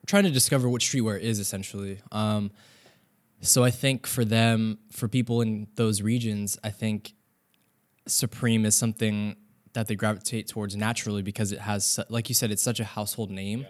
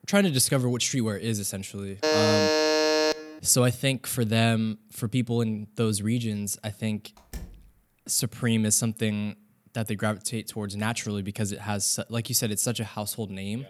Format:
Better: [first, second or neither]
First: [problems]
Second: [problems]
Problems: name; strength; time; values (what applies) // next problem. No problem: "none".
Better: first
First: none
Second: alarm; loud; from 2 to 3.5 s; peak 5 dB above the speech // door banging; faint; at 7 s; peak 15 dB below the speech